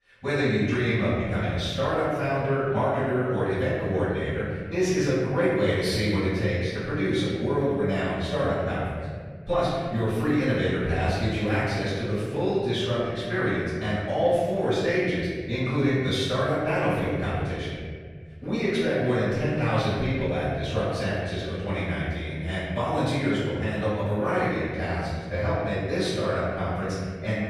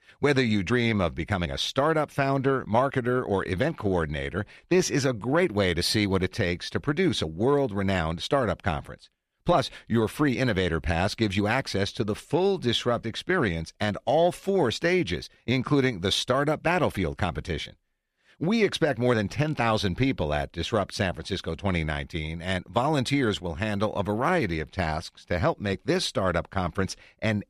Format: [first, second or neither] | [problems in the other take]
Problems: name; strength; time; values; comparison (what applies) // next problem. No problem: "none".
second | off-mic speech; far // room echo; strong; dies away in 2 s